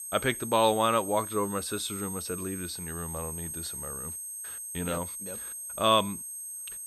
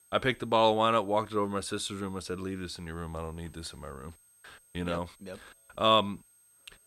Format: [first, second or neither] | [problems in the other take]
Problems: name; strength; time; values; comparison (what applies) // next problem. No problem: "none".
second | high-pitched whine; loud; throughout; 8.5 kHz, 6 dB below the speech; faint in the second